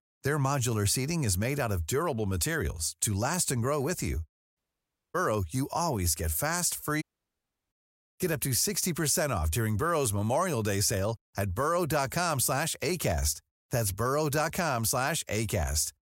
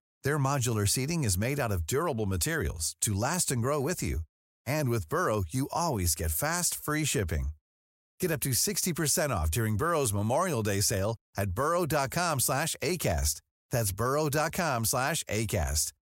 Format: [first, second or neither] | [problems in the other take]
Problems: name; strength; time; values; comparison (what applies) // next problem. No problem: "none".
second | audio cutting out; at 4.5 s for 0.5 s and at 7 s for 0.5 s